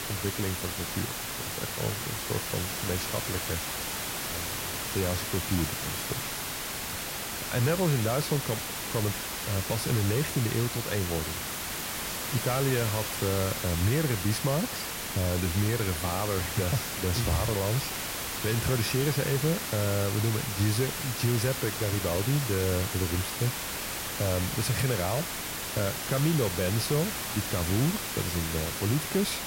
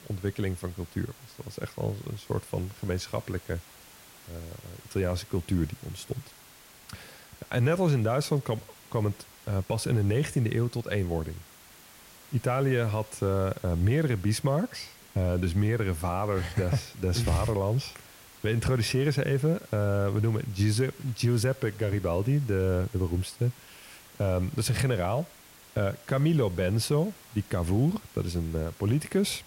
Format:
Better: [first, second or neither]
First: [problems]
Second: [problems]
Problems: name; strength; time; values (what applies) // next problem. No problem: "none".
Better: second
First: hiss; loud; throughout; 2 dB below the speech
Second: hiss; faint; throughout; 20 dB below the speech